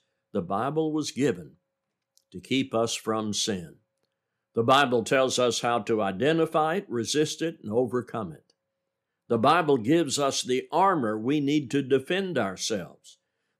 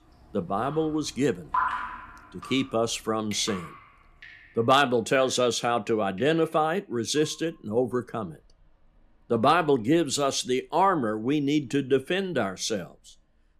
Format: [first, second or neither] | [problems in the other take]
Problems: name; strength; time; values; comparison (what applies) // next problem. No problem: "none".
first | rain or running water; noticeable; throughout; 10 dB below the speech